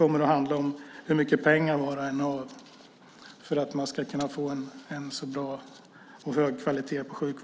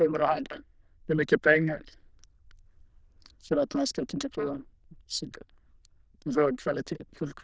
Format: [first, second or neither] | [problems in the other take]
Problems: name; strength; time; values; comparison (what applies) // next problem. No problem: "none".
first | noise reduction (neural diffusion model UNIVERSE++)